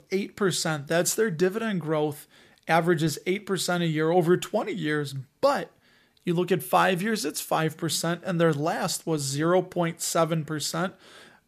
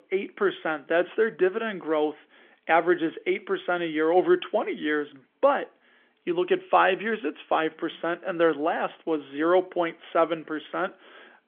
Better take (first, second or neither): first